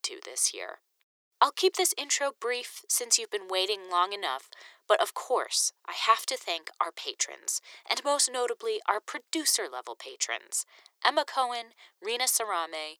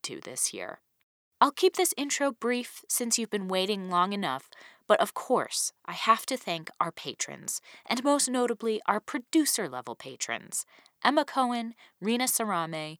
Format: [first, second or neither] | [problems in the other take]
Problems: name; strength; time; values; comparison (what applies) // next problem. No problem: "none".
second | thin; very; fading below 350 Hz